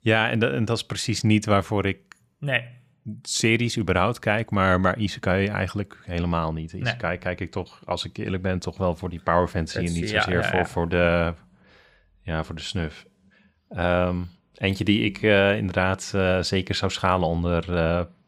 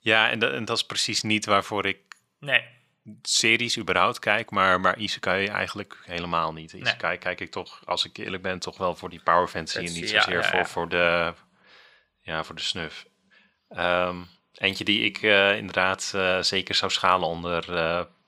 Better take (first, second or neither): first